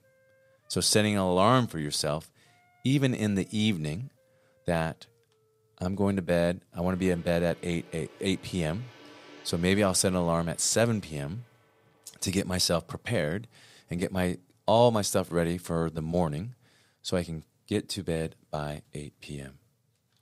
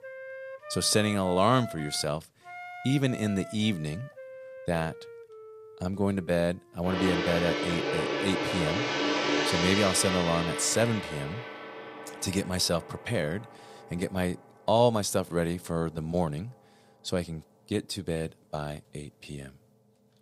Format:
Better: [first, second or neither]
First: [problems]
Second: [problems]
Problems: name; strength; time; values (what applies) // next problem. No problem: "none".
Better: first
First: background music; faint; throughout; 25 dB below the speech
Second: background music; loud; throughout; 3 dB below the speech